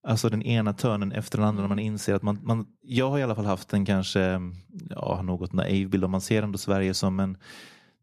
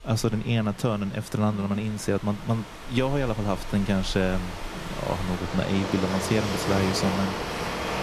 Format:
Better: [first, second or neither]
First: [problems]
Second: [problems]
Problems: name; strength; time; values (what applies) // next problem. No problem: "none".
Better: first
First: none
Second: rain or running water; loud; throughout; 5 dB below the speech